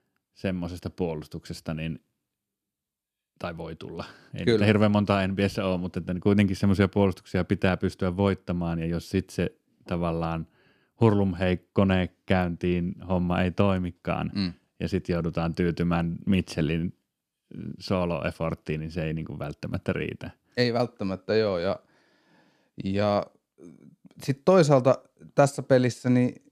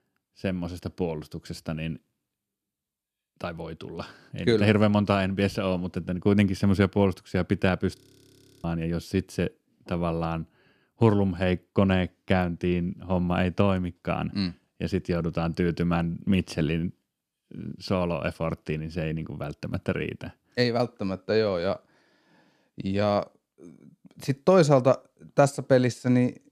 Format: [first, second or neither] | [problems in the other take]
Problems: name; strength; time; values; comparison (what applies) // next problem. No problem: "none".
first | audio freezing; at 8 s for 0.5 s